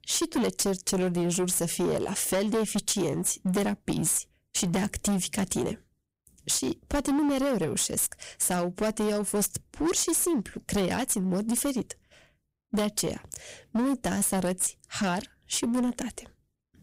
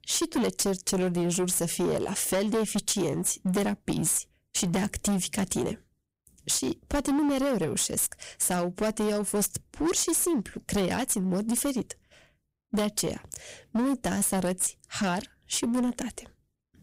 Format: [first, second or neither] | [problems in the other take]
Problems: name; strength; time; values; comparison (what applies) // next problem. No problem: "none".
neither | distortion; heavy; 15% of the sound clipped; the same in both